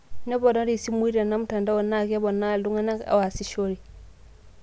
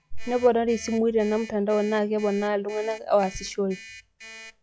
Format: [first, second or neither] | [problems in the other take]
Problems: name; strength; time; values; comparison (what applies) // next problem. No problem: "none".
first | noise reduction (classical method log-MMSE)